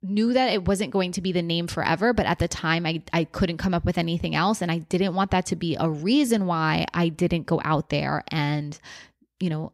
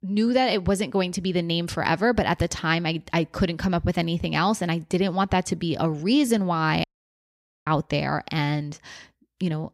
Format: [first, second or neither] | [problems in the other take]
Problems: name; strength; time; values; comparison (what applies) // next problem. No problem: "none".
first | audio cutting out; at 7 s for 1 s